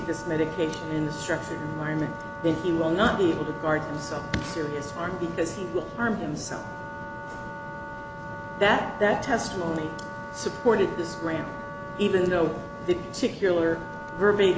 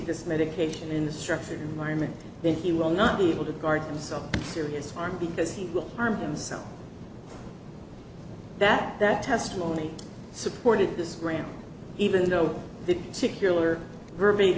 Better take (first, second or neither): second